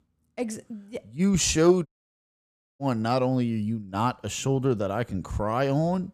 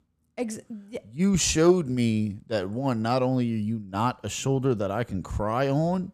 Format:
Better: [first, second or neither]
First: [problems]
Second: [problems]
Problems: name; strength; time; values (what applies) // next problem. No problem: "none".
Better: second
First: audio cutting out; at 2 s for 1 s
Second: none